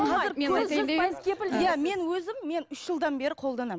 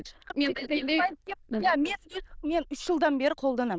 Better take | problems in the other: first | noise reduction (neural diffusion model UNIVERSE++)

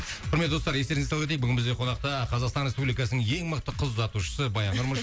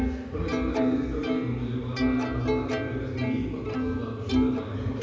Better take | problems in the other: first | background sound (Plucked string instrument); 1 dB above the speech // room echo; dies away in 2.2 s

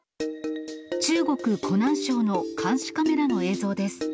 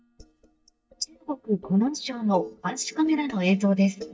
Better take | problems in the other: first | noise reduction (neural mask model DeepFilterNet 3)

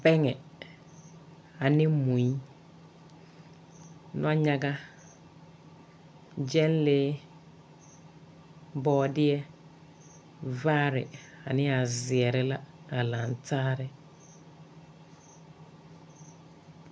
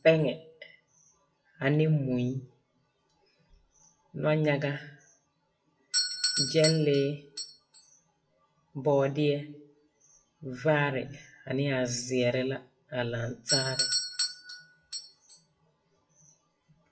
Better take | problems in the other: first | noise reduction (classical method WPE with log-MMSE)

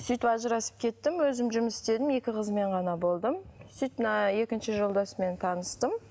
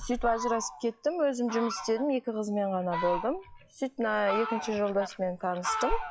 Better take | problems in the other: first | noise reduction (classical method log-MMSE)

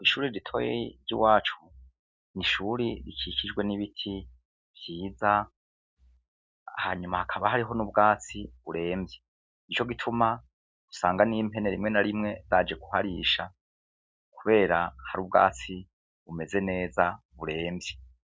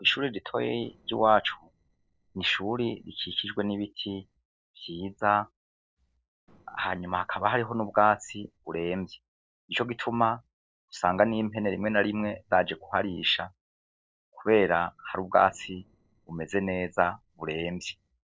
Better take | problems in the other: first | noise reduction (neural separator model SepFormer DNS4)

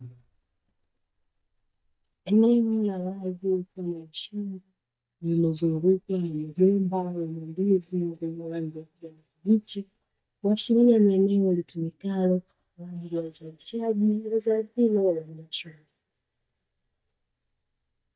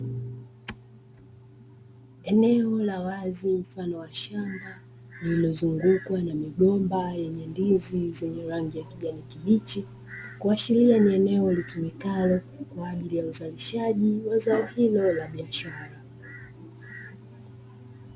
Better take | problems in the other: second | noise reduction (neural mask model DeepFilterNet 3)

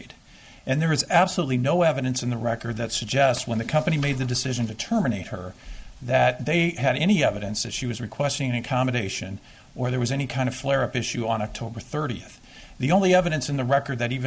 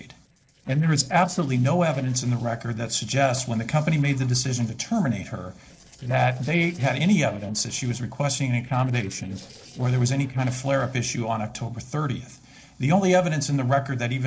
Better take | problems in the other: first | noise reduction (neural separator model SepFormer DNS4)

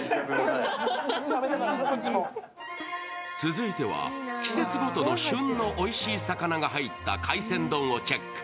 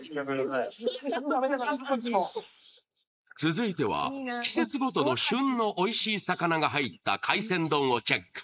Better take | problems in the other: first | noise reduction (neural mask model Resemble Enhance denoiser)

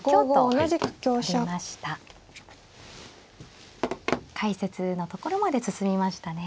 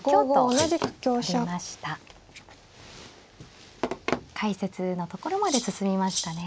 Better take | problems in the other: first | background sound (Rattle (instrument)); 5 dB below the speech

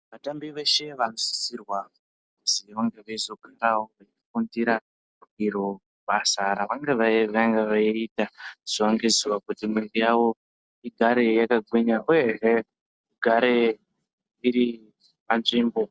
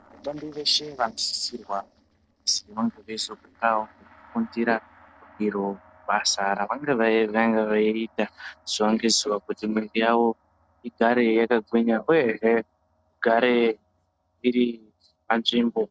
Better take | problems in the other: first | noise reduction (neural separator model SepFormer DNS4)

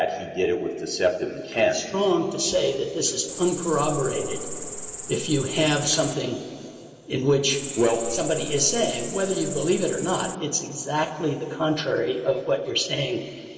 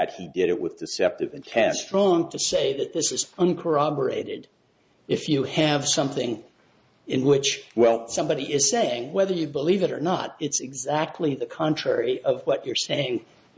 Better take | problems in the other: second | background sound (Cricket); 9 dB below the speech // room echo; dies away in 2.9 s

